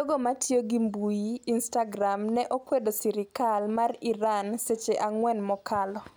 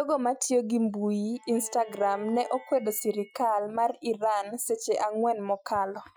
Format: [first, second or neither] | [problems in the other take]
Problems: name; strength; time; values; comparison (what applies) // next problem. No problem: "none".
first | noise reduction (classical method Wiener filter)